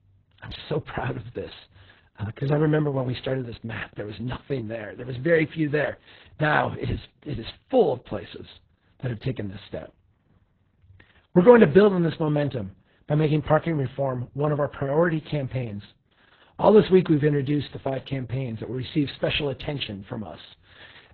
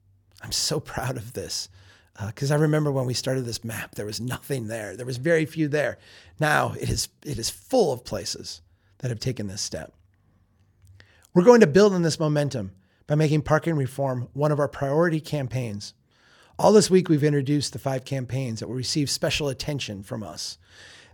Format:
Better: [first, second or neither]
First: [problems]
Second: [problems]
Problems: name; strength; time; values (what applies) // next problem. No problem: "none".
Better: second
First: garbled, watery; badly; nothing above 4 kHz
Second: none